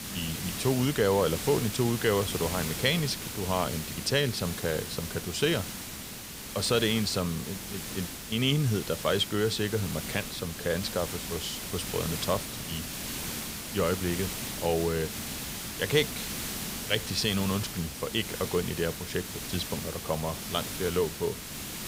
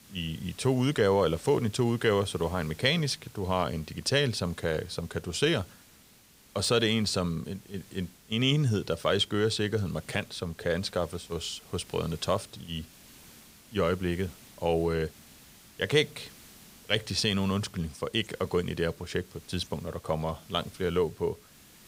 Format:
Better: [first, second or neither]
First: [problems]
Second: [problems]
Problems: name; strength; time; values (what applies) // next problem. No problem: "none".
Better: second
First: hiss; loud; throughout; 5 dB below the speech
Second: hiss; faint; throughout; 25 dB below the speech